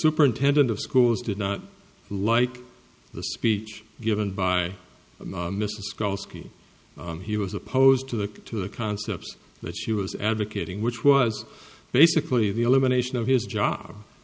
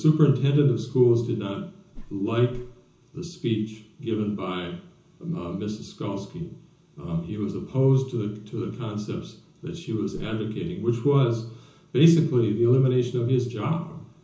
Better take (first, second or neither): first